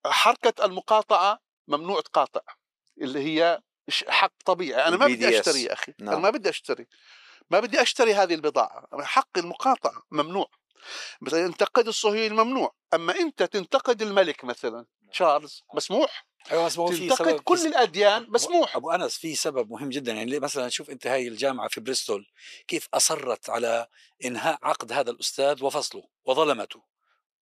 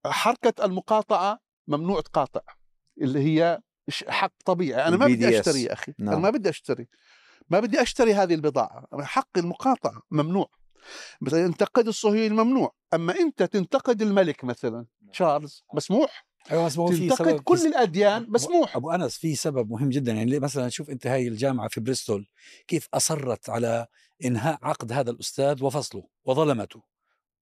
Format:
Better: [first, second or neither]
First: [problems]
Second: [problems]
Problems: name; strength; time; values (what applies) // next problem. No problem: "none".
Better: second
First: thin; somewhat; fading below 400 Hz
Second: none